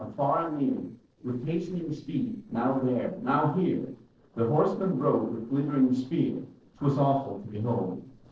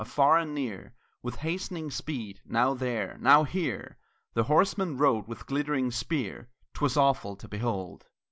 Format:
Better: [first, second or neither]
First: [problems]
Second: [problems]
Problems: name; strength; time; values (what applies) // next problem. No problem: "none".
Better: second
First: noise reduction (neural separator model SepFormer DNS4)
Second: none